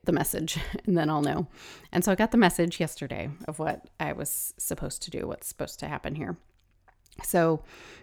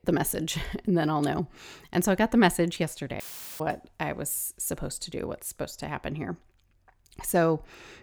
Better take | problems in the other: first | audio cutting out; filled with static; at 3 s

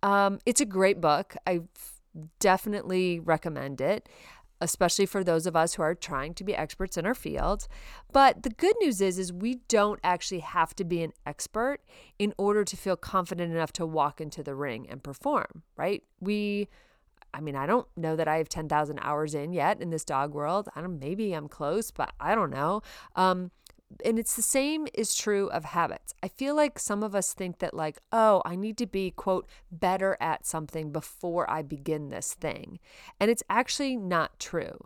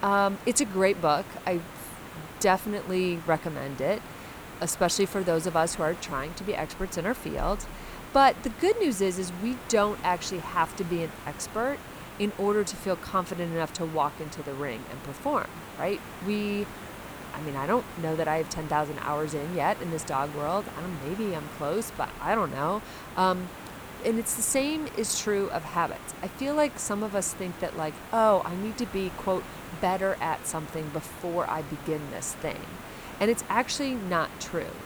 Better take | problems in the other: first | hiss; noticeable; throughout; 15 dB below the speech

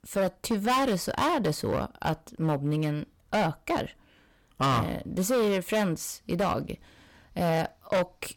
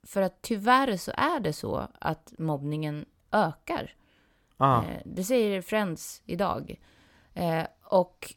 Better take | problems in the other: second | distortion; heavy; 11% of the sound clipped

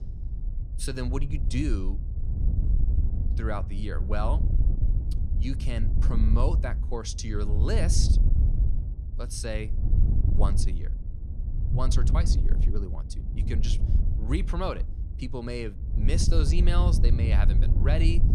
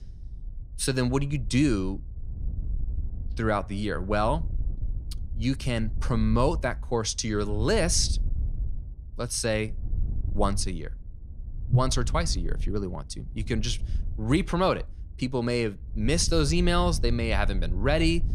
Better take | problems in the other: second | wind noise on the microphone; heavy; 8 dB below the speech; occasional gusts in the second

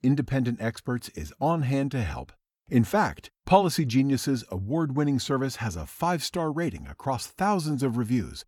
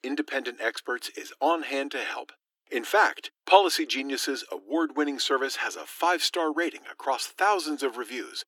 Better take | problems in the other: first | thin; very; fading below 300 Hz

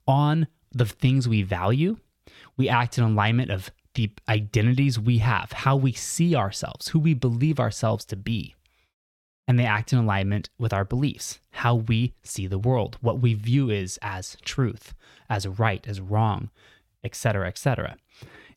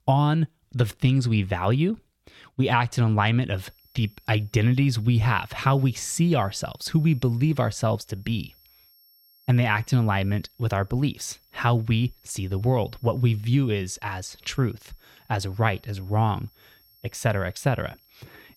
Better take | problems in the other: first | high-pitched whine; faint; from 3.5 s on; 5.5 kHz, 30 dB below the speech

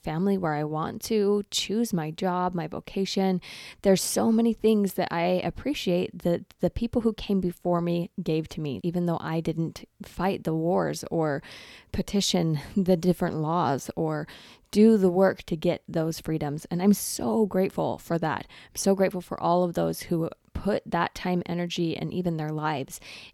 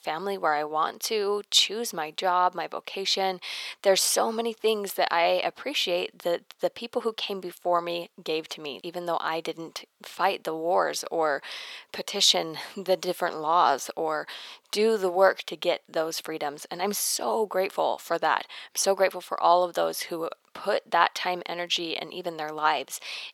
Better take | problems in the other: first | thin; very; fading below 650 Hz

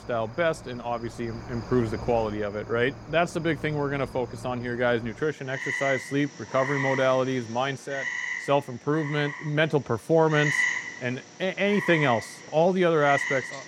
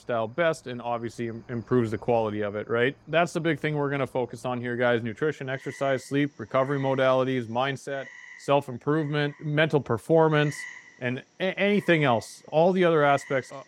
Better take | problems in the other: second | animal sounds; loud; throughout; 6 dB below the speech; faint in the second

